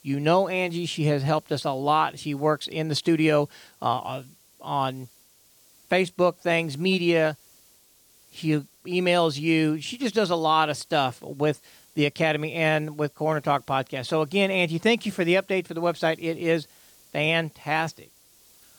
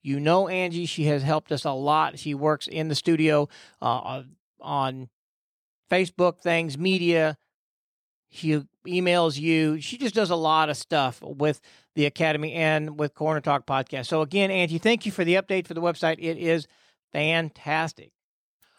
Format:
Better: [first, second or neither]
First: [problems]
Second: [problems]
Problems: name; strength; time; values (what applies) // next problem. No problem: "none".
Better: second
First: hiss; faint; throughout; 30 dB below the speech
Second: none